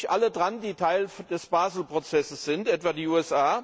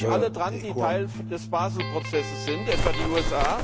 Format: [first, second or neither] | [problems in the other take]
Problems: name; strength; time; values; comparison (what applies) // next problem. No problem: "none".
first | background sound (Electric guitar + Bird); as loud as the speech